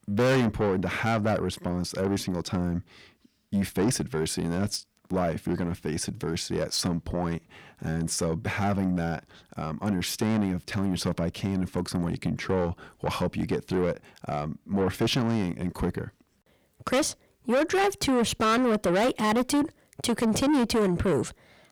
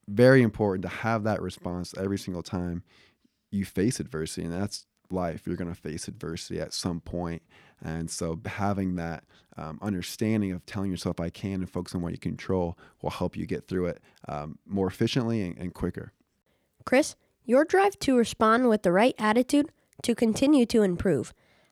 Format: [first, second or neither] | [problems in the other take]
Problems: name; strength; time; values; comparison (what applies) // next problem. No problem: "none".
second | distortion; heavy; 6 dB below the speech